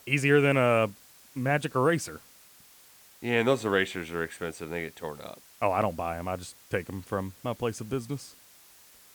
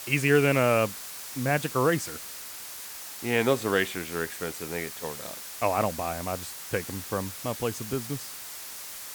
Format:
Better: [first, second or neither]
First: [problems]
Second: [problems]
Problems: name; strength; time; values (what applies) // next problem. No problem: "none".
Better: first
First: hiss; faint; throughout; 25 dB below the speech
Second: hiss; loud; throughout; 9 dB below the speech